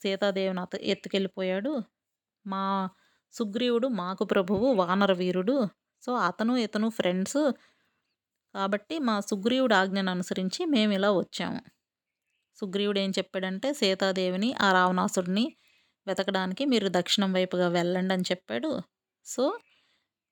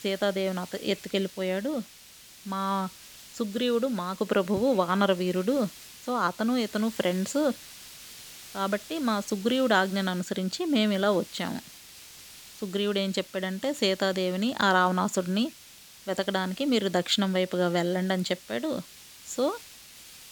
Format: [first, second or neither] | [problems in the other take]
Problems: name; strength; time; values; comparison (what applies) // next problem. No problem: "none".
first | hiss; noticeable; throughout; 20 dB below the speech